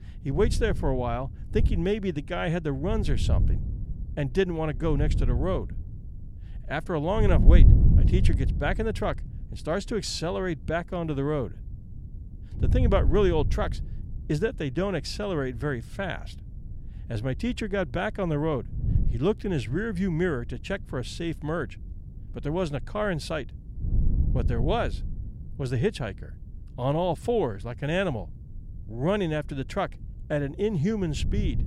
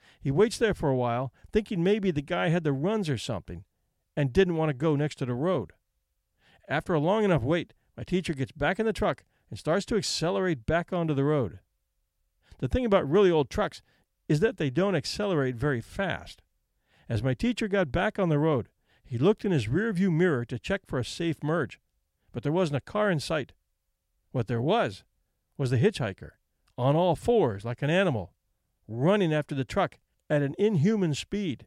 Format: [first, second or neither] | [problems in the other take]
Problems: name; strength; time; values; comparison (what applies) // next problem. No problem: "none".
second | wind noise on the microphone; occasional gusts; 15 dB below the speech